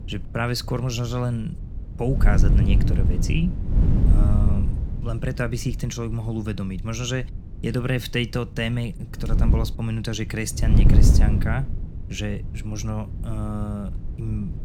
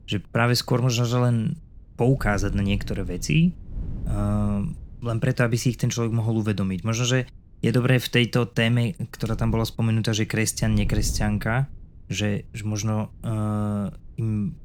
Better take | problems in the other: second | wind noise on the microphone; heavy; 5 dB below the speech; occasional gusts in the second

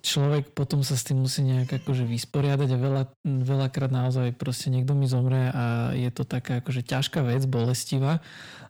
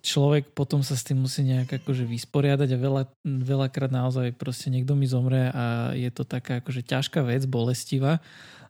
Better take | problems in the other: second | distortion; slight; 10 dB below the speech

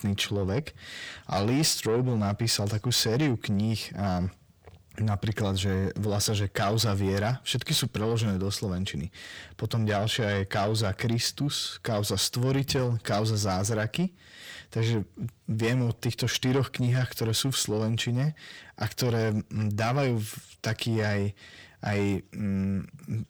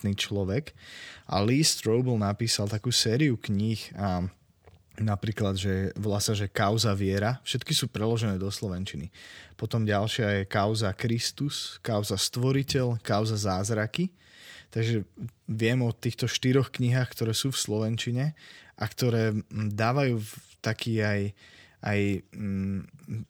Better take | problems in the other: second | distortion; slight; 10 dB below the speech

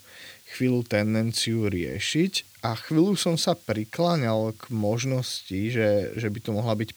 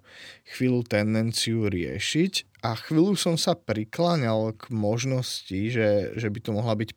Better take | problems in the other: second | hiss; faint; throughout; 25 dB below the speech

